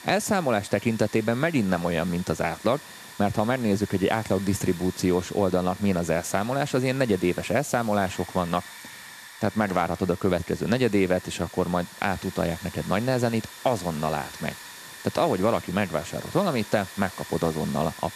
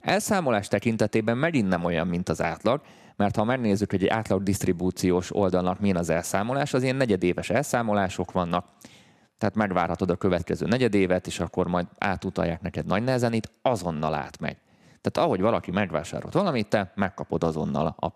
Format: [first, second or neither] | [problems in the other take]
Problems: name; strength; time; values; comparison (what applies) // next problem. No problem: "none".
second | hiss; noticeable; throughout; 15 dB below the speech